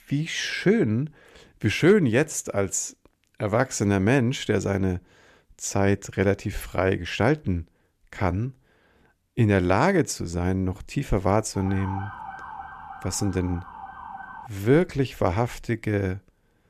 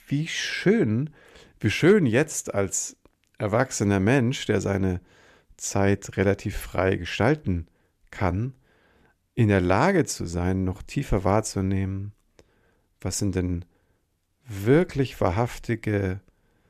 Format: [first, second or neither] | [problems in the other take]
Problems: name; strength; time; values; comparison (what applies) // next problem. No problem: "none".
second | siren; faint; from 12 to 14 s; peak 10 dB below the speech